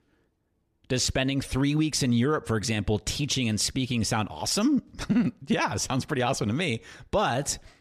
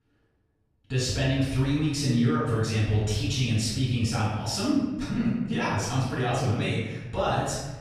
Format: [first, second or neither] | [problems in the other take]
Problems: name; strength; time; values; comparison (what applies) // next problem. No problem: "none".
first | off-mic speech; far // room echo; noticeable; dies away in 1.1 s